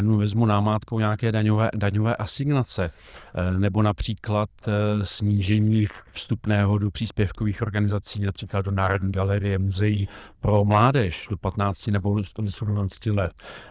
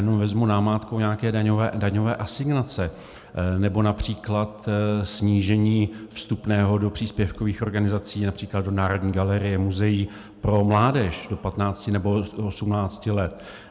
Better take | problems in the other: second | noise reduction (neural diffusion model UNIVERSE++)

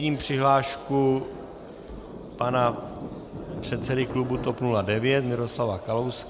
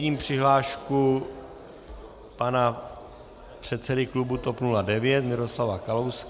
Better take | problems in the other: second | background sound (Thunder); 13 dB below the speech

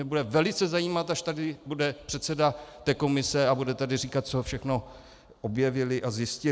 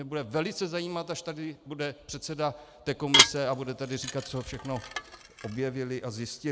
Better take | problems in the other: first | background sound (Dishes, pots, and pans / Glass); 3 dB above the speech

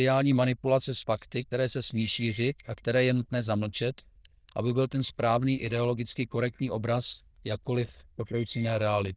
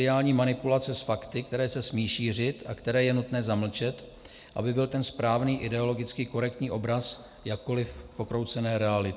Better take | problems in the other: second | noise reduction (neural diffusion model UNIVERSE++)

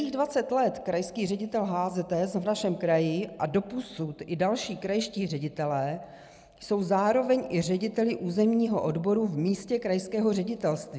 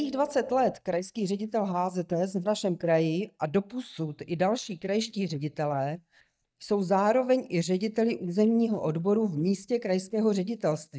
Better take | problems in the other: first | noise reduction (neural mask model DeepFilterNet 3)

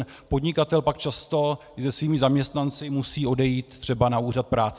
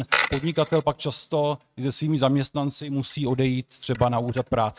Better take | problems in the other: first | noise reduction (neural mask model RNNoise)

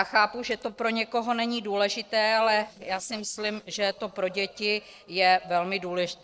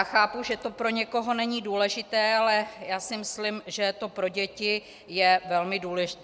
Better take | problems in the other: second | noise reduction (neural separator model SepFormer DNS4)

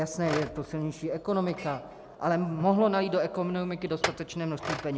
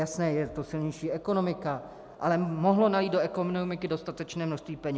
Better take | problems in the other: second | background sound (Chink, clink); 11 dB below the speech

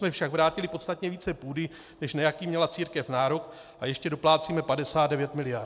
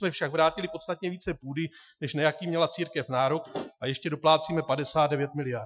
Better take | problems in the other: first | noise reduction (classical method Wiener filter)

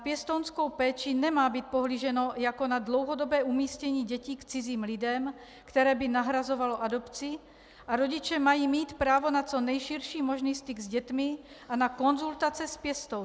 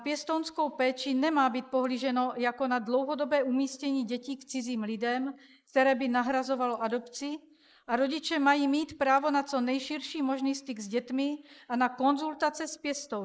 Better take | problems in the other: first | noise reduction (neural mask model Resemble Enhance denoiser)

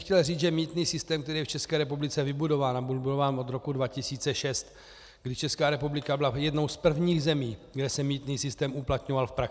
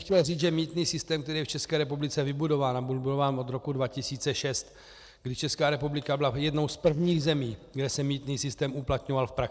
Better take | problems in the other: first | noise reduction (neural separator model SepFormer DNS4)

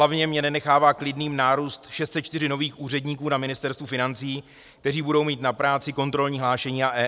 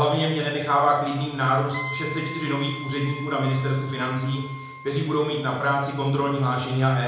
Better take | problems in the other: first | background sound (Wind instrument, woodwind instrument); 13 dB below the speech // room echo; dies away in 0.9 s

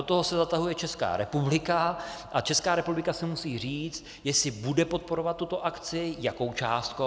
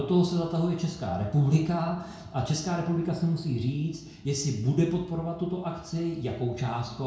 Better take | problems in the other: first | room echo; dies away in 0.6 s

